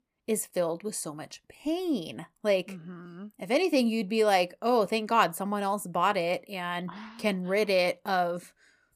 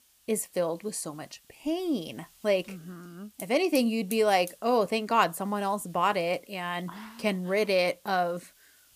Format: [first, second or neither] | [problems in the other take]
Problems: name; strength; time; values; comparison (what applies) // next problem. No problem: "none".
first | hiss; faint; throughout; 20 dB below the speech